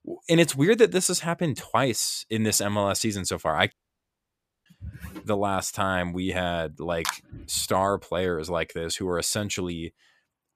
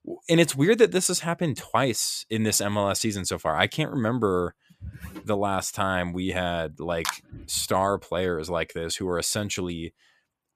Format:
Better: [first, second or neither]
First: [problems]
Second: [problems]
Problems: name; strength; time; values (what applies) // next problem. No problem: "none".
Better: second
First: audio cutting out; at 3.5 s for 1 s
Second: none